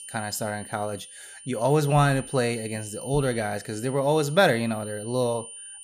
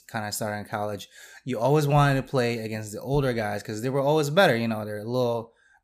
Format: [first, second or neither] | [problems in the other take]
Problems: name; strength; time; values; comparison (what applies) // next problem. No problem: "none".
second | high-pitched whine; noticeable; throughout; 9 kHz, 15 dB below the speech